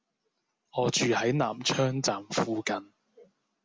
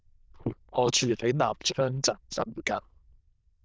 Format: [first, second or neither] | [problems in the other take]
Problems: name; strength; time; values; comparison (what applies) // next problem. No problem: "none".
first | noise reduction (neural diffusion model UNIVERSE++)